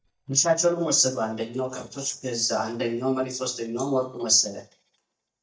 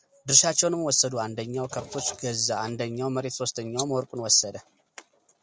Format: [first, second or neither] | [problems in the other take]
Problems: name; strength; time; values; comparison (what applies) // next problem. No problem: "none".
second | noise reduction (neural mask model DeepFilterNet 3)